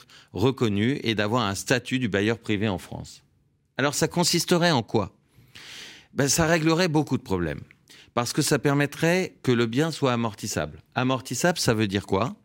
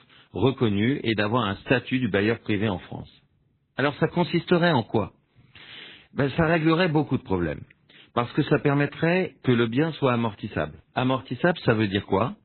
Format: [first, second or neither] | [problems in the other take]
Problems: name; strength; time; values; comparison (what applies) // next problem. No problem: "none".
first | garbled, watery; badly; nothing above 4 kHz